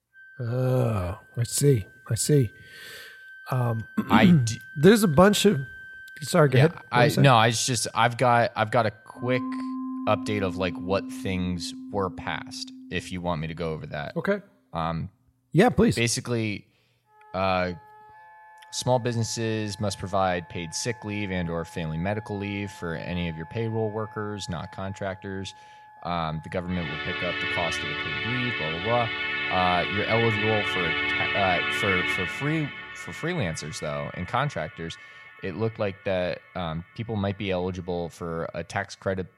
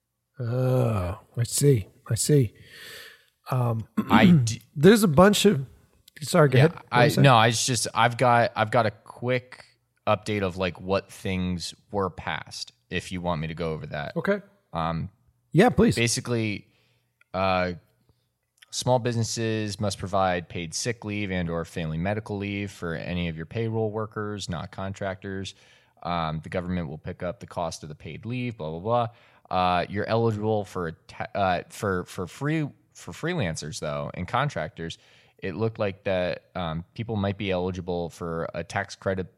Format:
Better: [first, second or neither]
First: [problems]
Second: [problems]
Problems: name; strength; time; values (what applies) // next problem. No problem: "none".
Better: second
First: background music; loud; throughout; 4 dB below the speech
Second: none